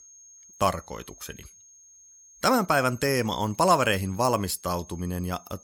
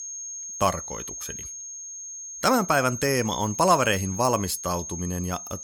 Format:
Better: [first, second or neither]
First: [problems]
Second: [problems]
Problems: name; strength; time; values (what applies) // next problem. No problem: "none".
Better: first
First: high-pitched whine; faint; throughout; 6.5 kHz, 25 dB below the speech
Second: high-pitched whine; loud; throughout; 6.5 kHz, 9 dB below the speech